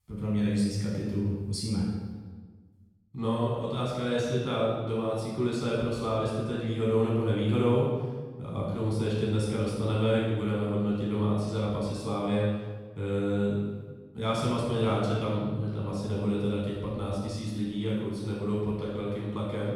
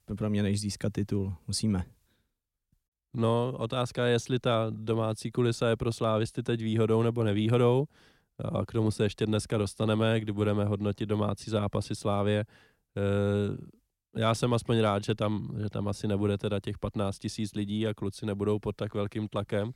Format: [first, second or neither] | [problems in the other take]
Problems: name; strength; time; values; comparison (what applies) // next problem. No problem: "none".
second | off-mic speech; far // room echo; strong; dies away in 1.2 s